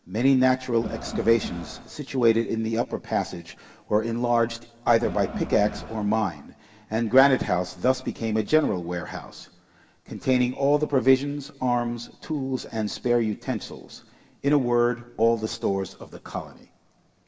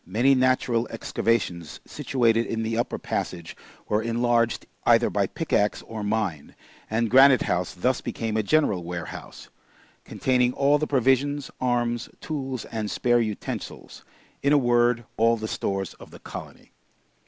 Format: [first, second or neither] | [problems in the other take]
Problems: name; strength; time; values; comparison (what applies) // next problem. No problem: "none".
second | background sound (Crowd); 10 dB below the speech // room echo; dies away in 2 s